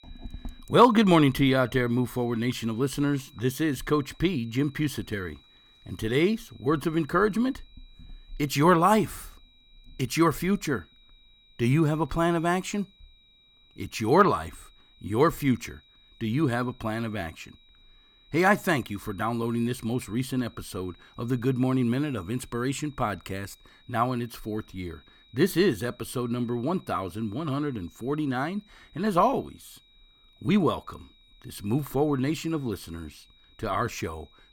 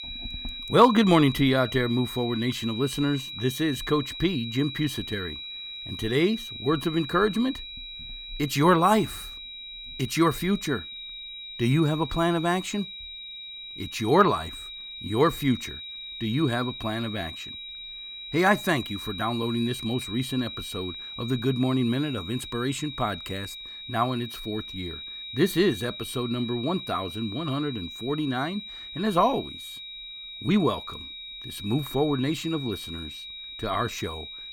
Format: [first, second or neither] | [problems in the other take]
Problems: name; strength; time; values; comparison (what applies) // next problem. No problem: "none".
first | high-pitched whine; loud; throughout; 4 kHz, 10 dB below the speech; faint in the first